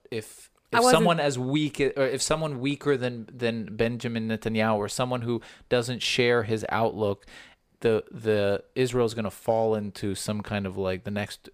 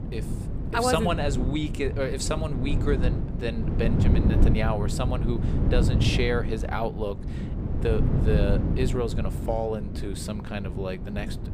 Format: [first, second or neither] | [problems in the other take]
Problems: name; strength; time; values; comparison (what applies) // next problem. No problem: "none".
first | wind noise on the microphone; heavy; 7 dB below the speech